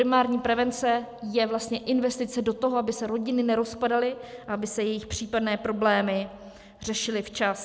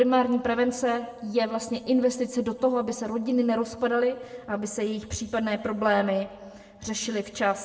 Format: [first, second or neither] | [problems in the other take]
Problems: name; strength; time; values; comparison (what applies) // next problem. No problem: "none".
first | room echo; dies away in 1 s